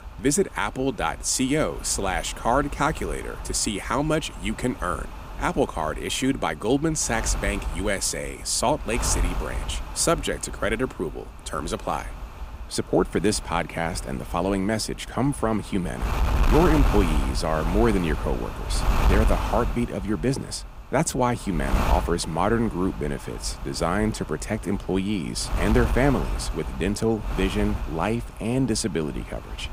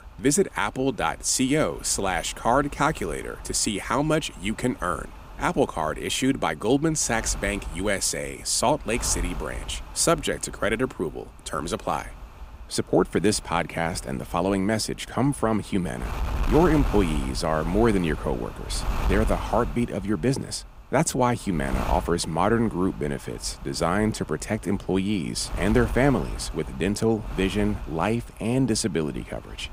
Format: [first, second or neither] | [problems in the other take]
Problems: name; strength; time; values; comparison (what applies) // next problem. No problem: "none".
second | wind noise on the microphone; heavy; 9 dB below the speech; occasional gusts in the second